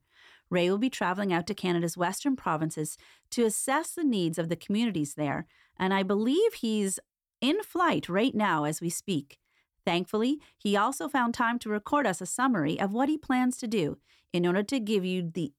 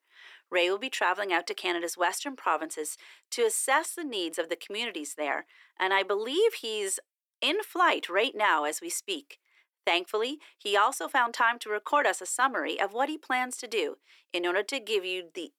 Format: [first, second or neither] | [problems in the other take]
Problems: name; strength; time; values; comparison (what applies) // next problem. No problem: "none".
first | thin; very; fading below 350 Hz